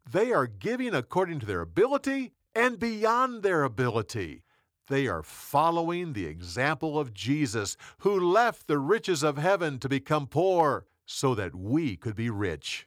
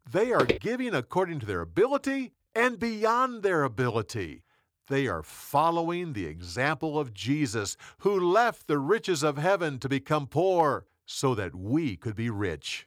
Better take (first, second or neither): first